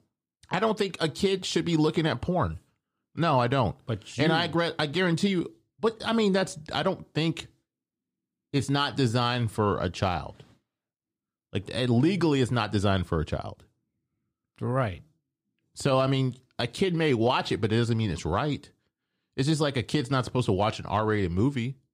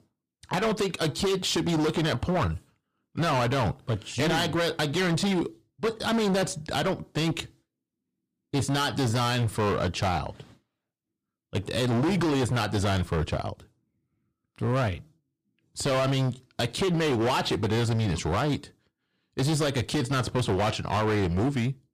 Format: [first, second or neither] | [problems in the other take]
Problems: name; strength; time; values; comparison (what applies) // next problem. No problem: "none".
first | distortion; heavy; 19% of the sound clipped